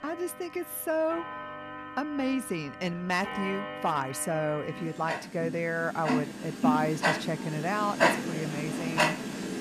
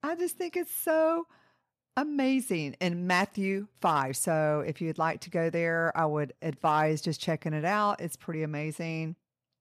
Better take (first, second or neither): second